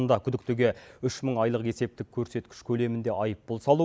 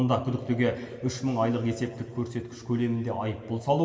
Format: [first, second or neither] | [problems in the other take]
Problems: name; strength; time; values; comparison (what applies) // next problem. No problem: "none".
first | room echo; dies away in 2.2 s